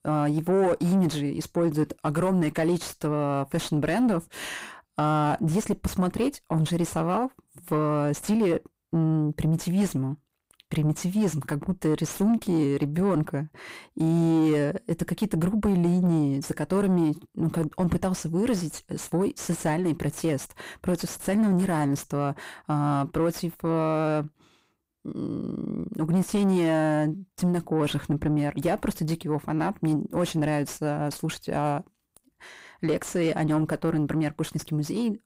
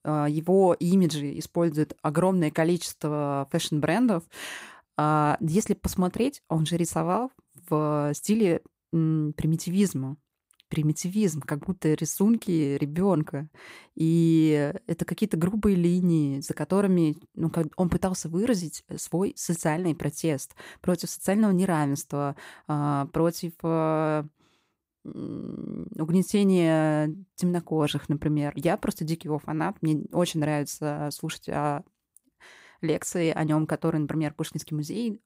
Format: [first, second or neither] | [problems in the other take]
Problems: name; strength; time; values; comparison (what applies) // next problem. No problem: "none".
second | distortion; slight; 10 dB below the speech